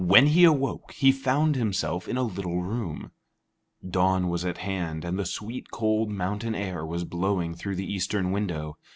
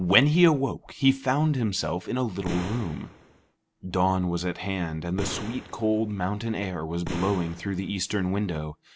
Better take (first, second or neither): first